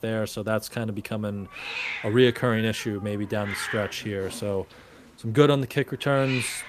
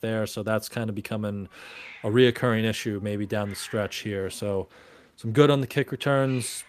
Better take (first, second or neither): second